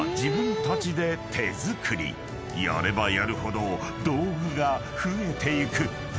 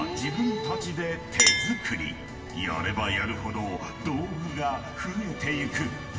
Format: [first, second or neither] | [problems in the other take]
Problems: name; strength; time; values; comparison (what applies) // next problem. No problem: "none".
first | background sound (Chink, clink); 4 dB below the speech // room echo; dies away in 0.9 s